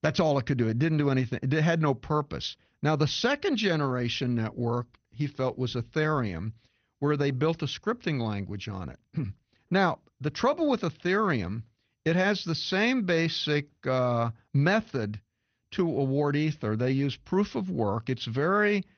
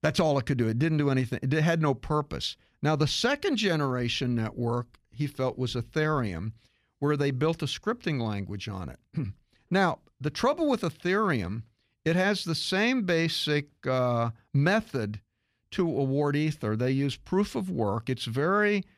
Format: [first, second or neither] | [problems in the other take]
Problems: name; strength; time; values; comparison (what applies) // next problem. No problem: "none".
second | garbled, watery; slightly; nothing above 6 kHz